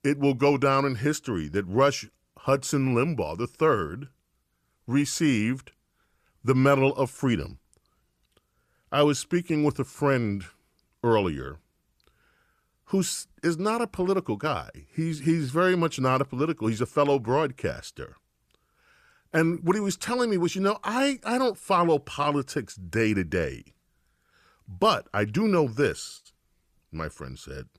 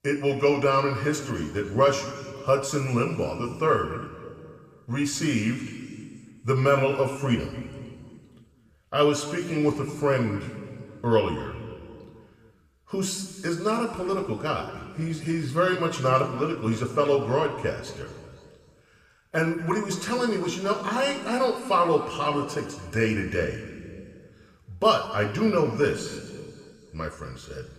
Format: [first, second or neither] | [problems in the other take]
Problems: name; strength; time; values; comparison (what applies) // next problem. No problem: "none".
first | room echo; slight; dies away in 2.2 s